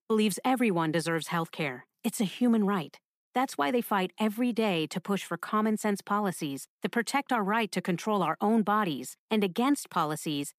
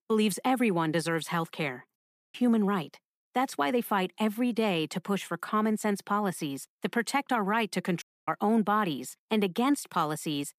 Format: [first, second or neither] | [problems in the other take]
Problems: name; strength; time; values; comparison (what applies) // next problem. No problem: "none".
first | audio cutting out; at 2 s and at 8 s